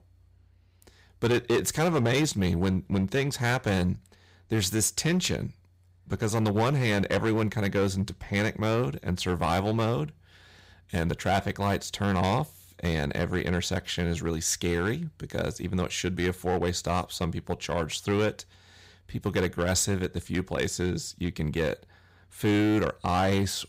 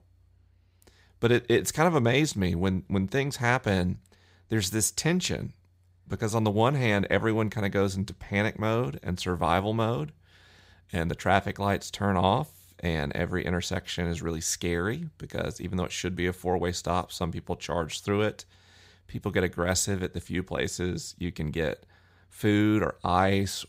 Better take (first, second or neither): second